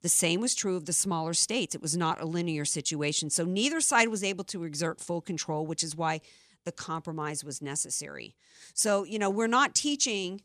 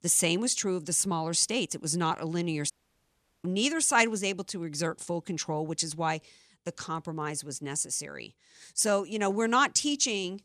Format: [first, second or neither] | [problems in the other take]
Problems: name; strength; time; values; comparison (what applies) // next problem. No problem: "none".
first | audio cutting out; at 2.5 s for 0.5 s